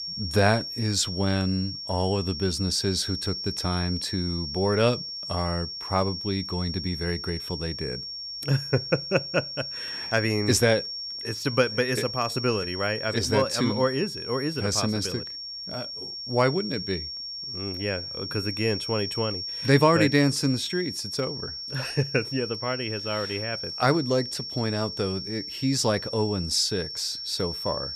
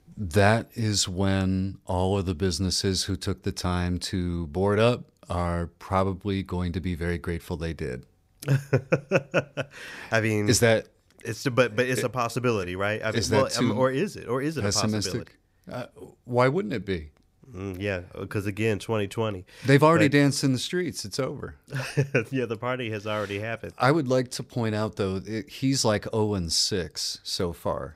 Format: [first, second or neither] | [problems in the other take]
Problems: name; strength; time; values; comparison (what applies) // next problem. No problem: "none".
second | high-pitched whine; loud; throughout; 5.5 kHz, 6 dB below the speech